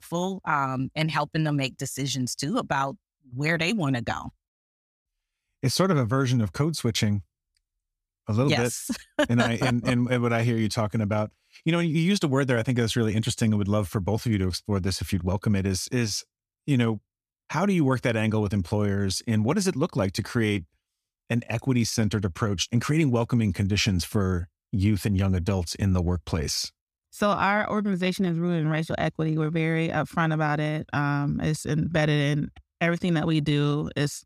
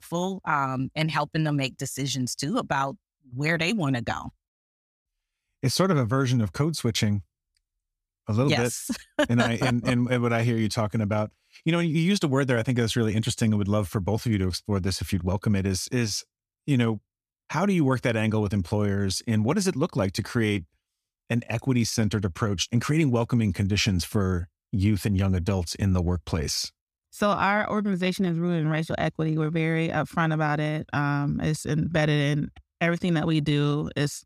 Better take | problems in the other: neither | none

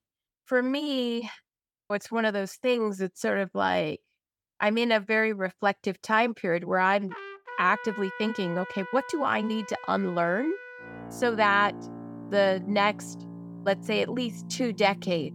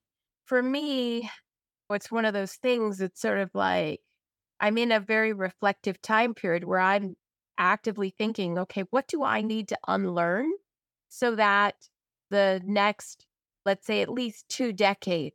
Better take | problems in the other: second | background music; noticeable; from 6 s on; 15 dB below the speech

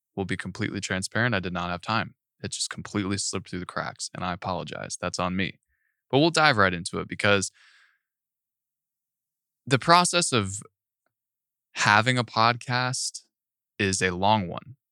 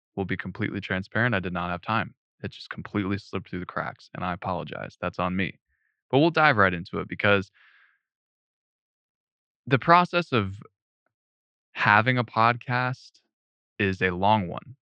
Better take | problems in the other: first | muffled; very; fading above 3 kHz

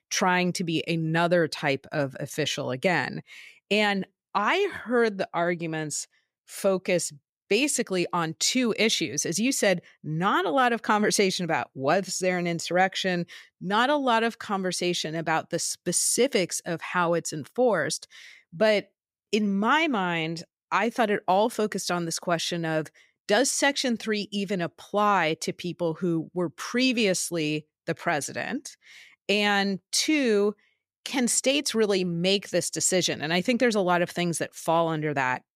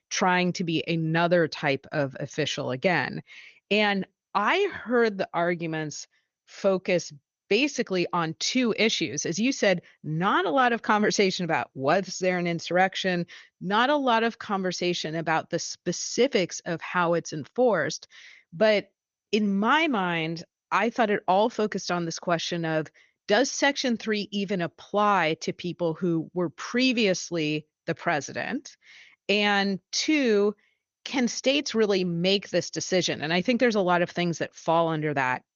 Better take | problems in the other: first | garbled, watery; slightly; nothing above 6.5 kHz

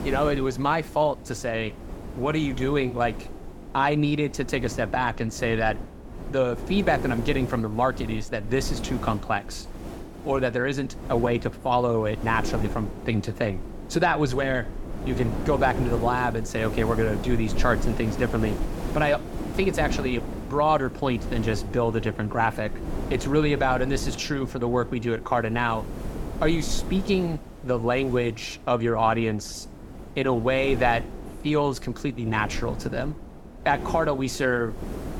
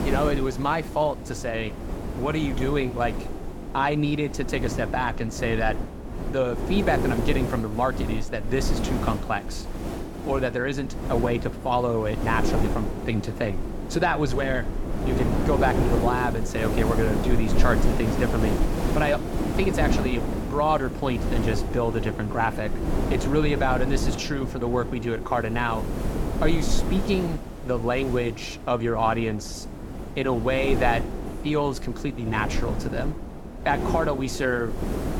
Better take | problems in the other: first | wind noise on the microphone; heavy; 7 dB below the speech; occasional gusts in the first

